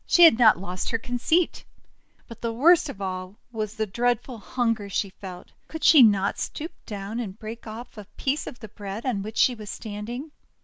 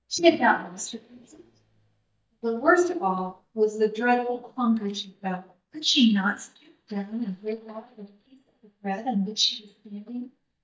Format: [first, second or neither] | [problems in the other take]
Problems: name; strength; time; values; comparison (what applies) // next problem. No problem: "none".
first | noise reduction (neural mask model DeepFilterNet 3)